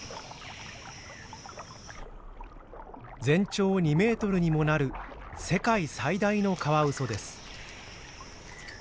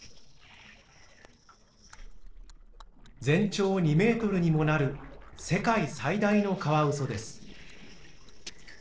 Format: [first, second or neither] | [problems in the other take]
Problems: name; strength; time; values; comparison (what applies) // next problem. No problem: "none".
first | noise reduction (neural separator model SepFormer DNS4)